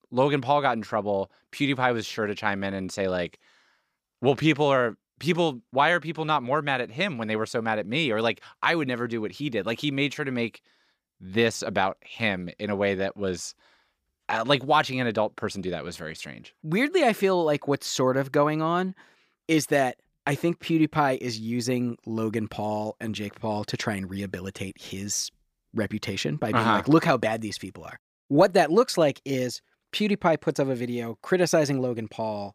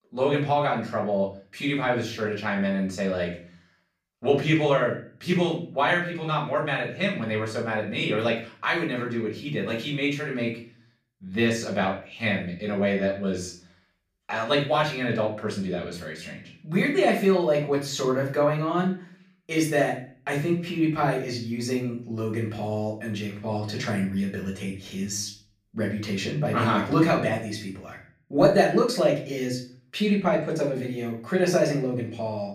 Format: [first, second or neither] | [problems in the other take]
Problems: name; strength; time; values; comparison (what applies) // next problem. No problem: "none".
first | off-mic speech; far // room echo; slight; dies away in 0.4 s